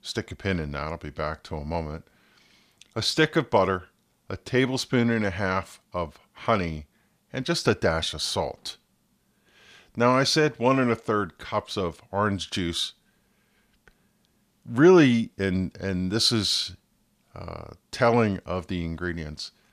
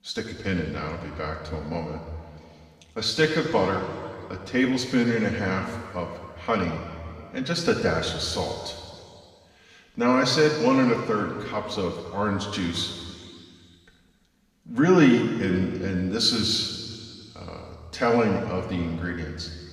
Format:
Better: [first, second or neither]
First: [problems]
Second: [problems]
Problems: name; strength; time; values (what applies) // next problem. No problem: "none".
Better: first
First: none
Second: room echo; noticeable; dies away in 2.1 s // off-mic speech; far